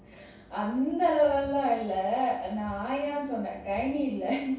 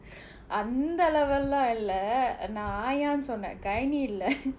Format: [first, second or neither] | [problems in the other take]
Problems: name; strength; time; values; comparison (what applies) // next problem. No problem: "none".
second | room echo; dies away in 0.7 s